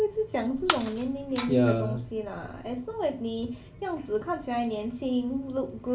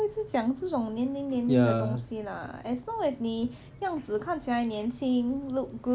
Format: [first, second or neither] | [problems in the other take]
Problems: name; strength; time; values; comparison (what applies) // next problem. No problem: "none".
second | background sound (Shatter); 8 dB below the speech // room echo; dies away in 0.3 s